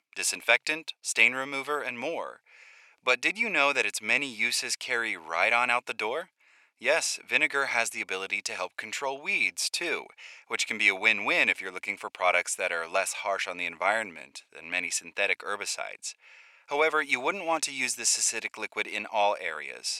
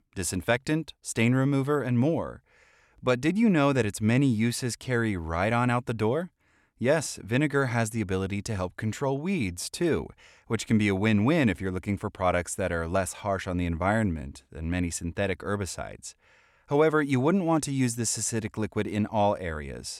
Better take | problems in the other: second | thin; very; fading below 700 Hz

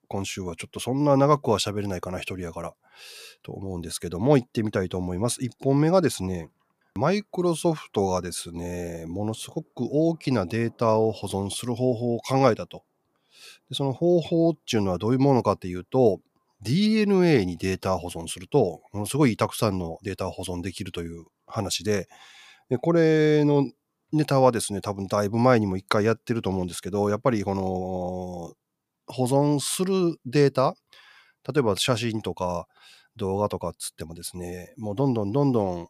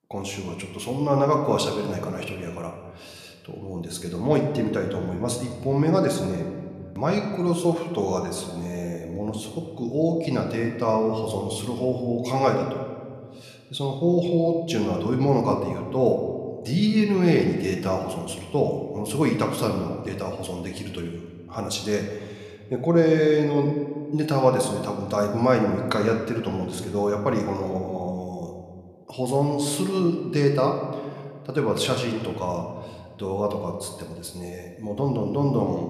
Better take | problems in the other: first | room echo; slight; dies away in 1.4 s

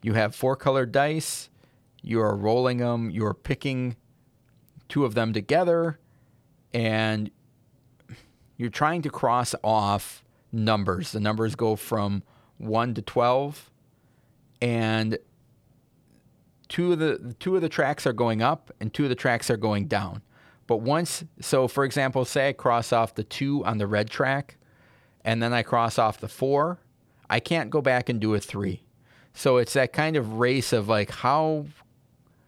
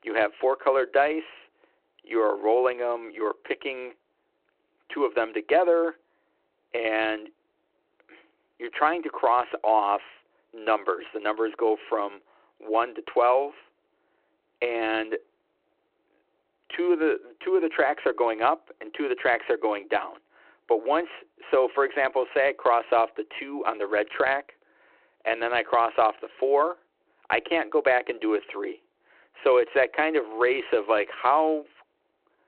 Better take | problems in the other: first | phone-call audio

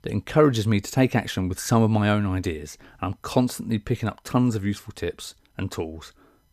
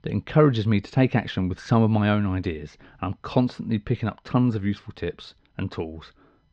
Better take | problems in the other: first | muffled; slightly; fading above 4 kHz

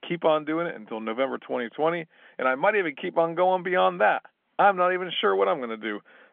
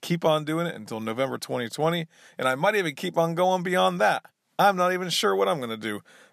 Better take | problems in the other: second | phone-call audio; nothing above 3.5 kHz

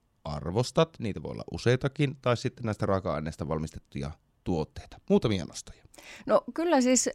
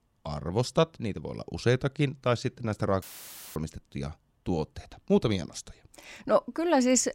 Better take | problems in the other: first | audio cutting out; filled with static; at 3 s for 0.5 s

